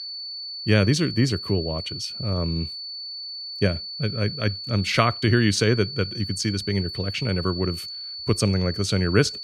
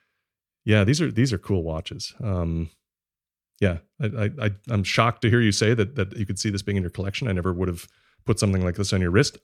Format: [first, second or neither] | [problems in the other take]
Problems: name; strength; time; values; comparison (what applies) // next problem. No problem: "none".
second | high-pitched whine; loud; throughout; 4.5 kHz, 8 dB below the speech